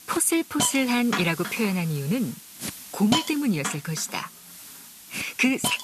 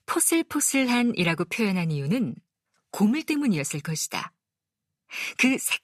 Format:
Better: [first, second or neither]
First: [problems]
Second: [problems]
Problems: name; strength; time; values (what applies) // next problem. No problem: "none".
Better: second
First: hiss; loud; throughout; 8 dB below the speech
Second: none